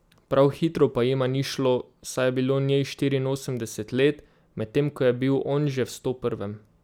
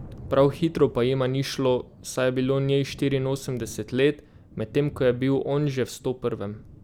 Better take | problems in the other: first | background sound (Thunder); 19 dB below the speech

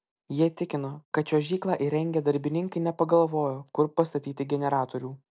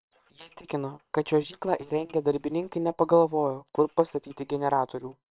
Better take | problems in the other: first | noise reduction (neural separator model SepFormer WHAM!)

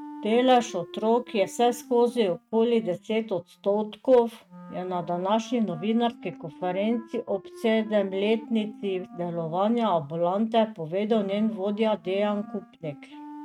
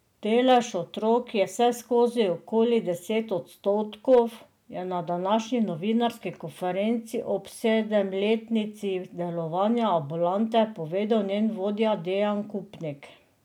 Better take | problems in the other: second | noise reduction (neural mask model RNNoise)

